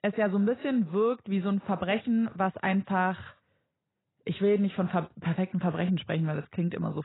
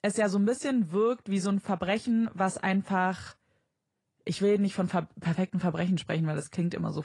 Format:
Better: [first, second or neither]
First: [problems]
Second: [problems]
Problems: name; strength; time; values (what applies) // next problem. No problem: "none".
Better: second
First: garbled, watery; badly; nothing above 4 kHz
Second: garbled, watery; slightly